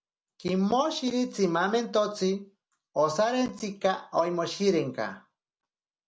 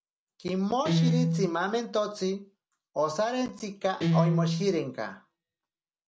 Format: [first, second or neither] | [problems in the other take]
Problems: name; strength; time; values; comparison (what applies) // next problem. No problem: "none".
first | background sound (Guitar); 1 dB above the speech